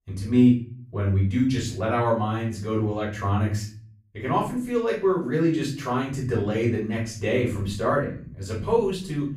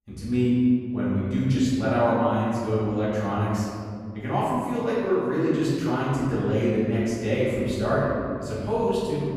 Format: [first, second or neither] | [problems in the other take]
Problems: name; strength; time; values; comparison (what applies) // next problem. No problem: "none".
first | room echo; strong; dies away in 2.2 s; slight in the first // off-mic speech; far; far in the first